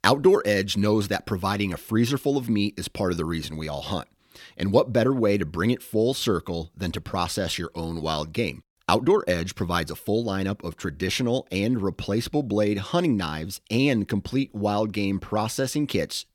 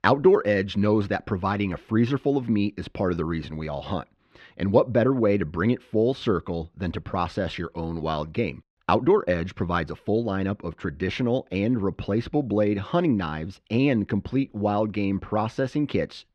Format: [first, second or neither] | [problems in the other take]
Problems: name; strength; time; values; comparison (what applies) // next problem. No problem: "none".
first | muffled; slightly; fading above 2.5 kHz